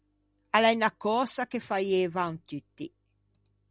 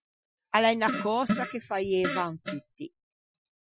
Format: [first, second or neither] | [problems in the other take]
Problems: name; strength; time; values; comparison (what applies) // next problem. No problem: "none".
first | noise reduction (classical method Wiener filter)